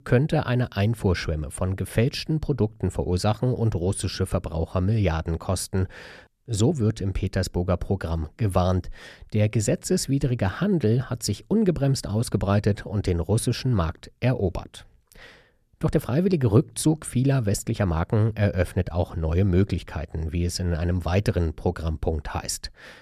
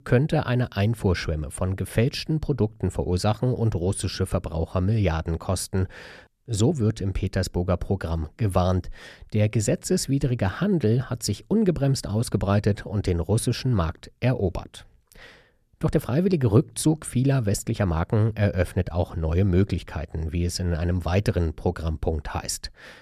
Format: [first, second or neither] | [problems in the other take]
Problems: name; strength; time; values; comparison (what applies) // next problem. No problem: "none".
neither | none